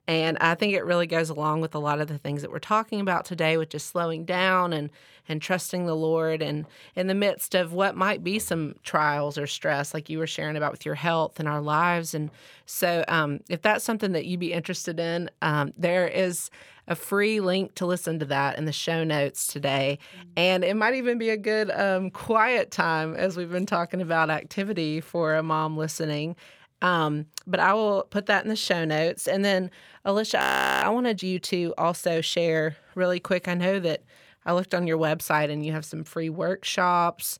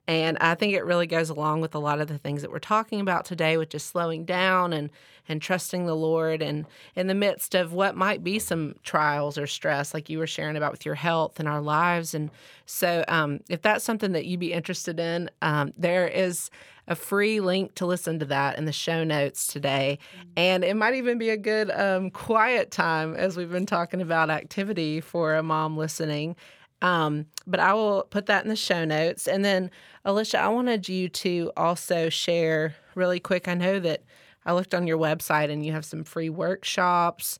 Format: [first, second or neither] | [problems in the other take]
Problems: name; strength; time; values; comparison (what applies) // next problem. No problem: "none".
second | audio freezing; at 30 s